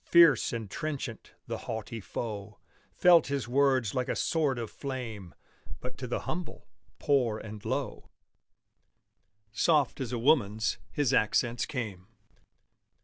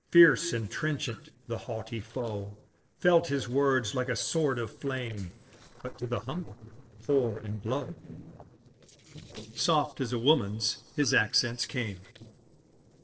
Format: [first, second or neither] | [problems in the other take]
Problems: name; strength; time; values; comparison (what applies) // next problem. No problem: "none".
first | noise reduction (neural separator model SepFormer DNS4)